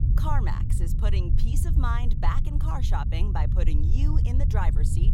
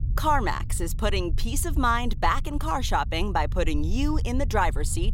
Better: second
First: low rumble; loud; throughout; 6 dB below the speech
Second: low rumble; faint; throughout; 20 dB below the speech

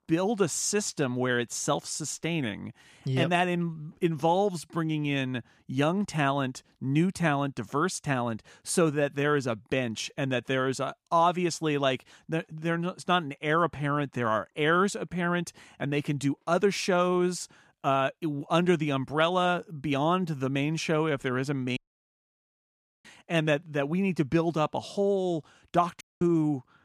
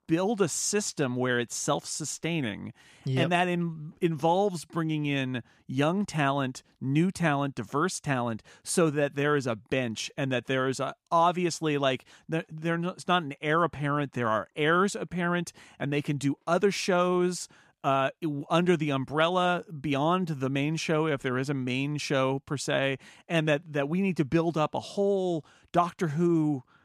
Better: second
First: audio cutting out; at 22 s for 1.5 s and at 26 s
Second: none

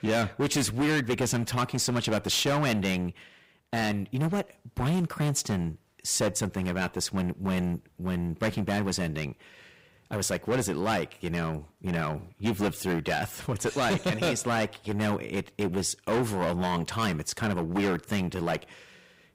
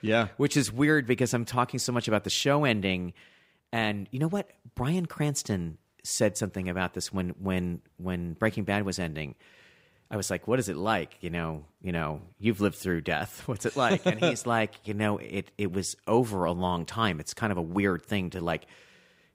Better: second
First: distortion; heavy; 12% of the sound clipped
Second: none

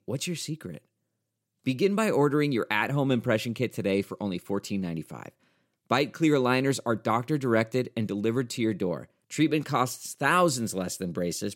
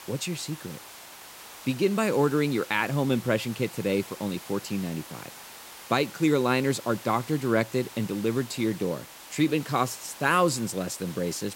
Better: first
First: none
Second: hiss; noticeable; throughout; 15 dB below the speech

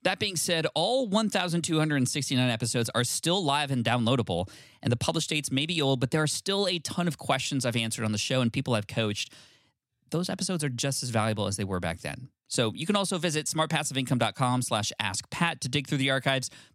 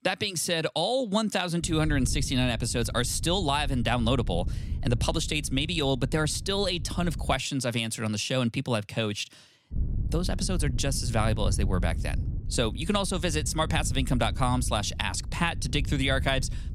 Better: first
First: none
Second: wind noise on the microphone; occasional gusts; from 1.5 to 7.5 s and from 9.5 s on; 20 dB below the speech

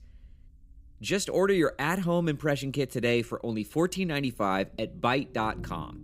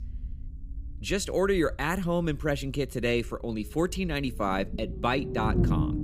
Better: first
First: low rumble; faint; throughout; 25 dB below the speech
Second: low rumble; loud; throughout; 9 dB below the speech

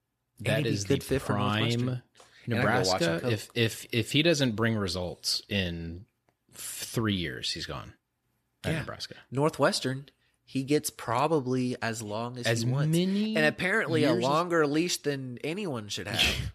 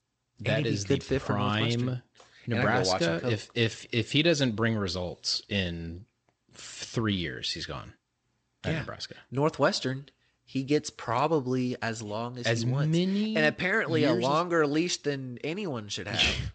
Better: first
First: none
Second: garbled, watery; slightly; nothing above 8 kHz

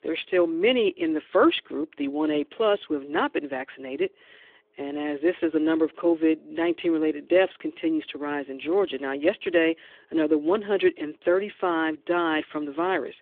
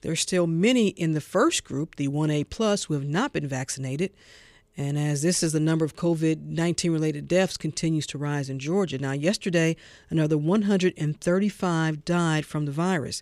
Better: second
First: phone-call audio; nothing above 3.5 kHz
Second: none

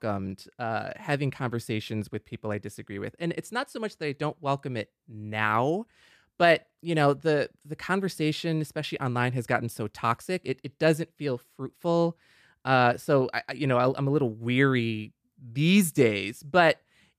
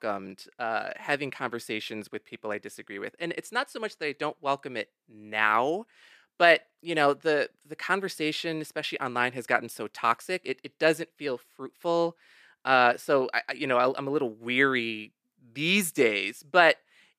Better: first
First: none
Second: thin; somewhat; fading below 300 Hz

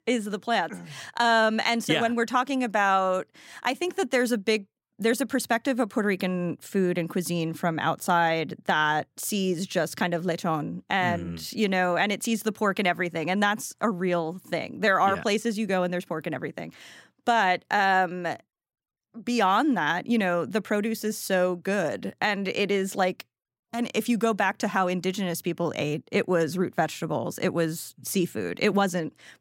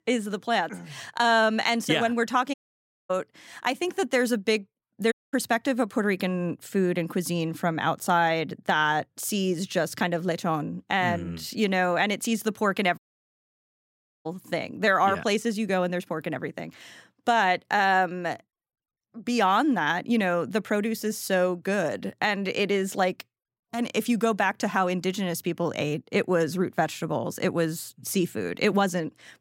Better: first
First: none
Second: audio cutting out; at 2.5 s for 0.5 s, at 5 s and at 13 s for 1.5 s

